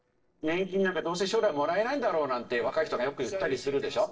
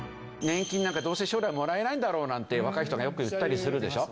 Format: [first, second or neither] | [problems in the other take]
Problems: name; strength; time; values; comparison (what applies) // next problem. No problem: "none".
second | noise reduction (neural separator model SepFormer DNS4)